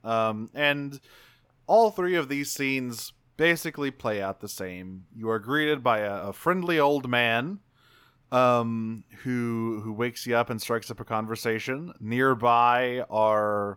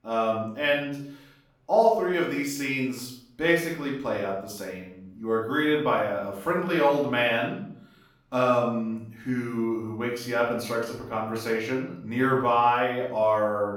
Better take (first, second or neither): first